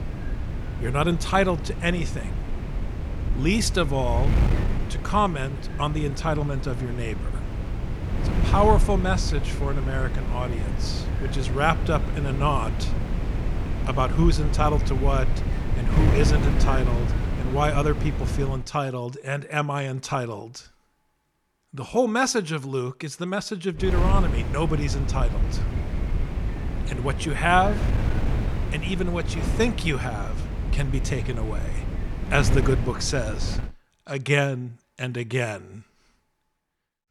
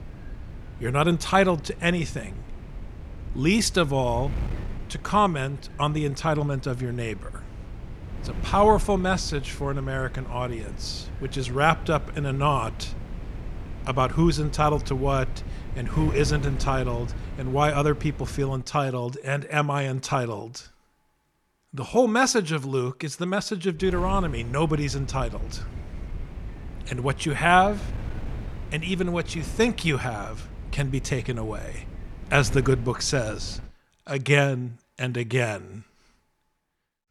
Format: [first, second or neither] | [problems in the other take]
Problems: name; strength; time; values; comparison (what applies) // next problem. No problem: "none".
second | wind noise on the microphone; heavy; until 19 s and from 24 to 34 s; 10 dB below the speech; occasional gusts in the second